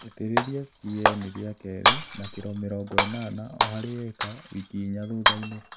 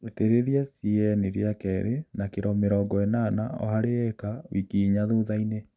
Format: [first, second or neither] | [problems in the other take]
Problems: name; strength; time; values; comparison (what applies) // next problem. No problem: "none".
second | background sound (Shatter); 5 dB above the speech